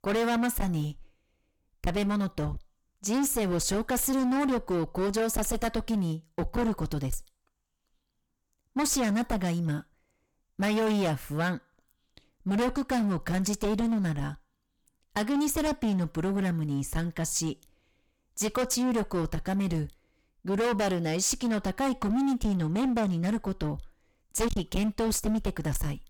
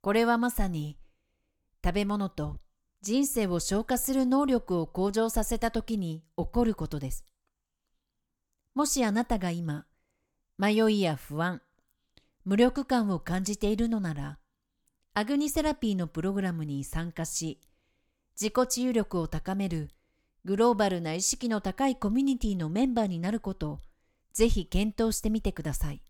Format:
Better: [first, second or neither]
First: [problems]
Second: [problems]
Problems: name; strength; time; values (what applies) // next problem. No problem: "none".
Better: second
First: distortion; heavy; 19% of the sound clipped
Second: none